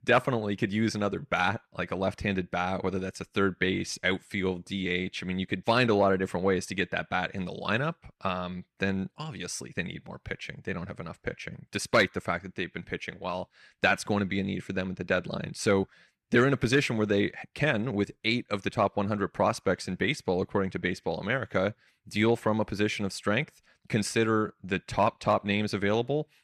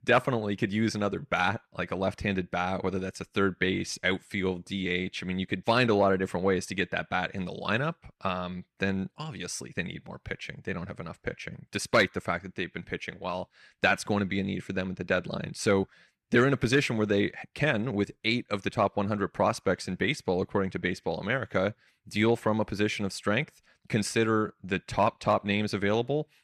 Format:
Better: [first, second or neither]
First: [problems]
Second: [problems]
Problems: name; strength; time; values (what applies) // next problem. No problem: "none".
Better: neither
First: none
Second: none